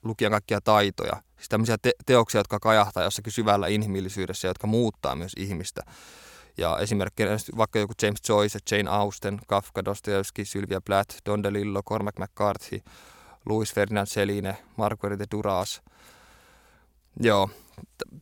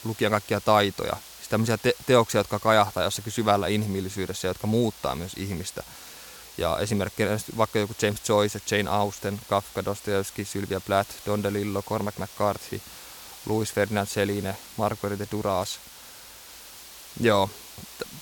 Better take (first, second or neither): first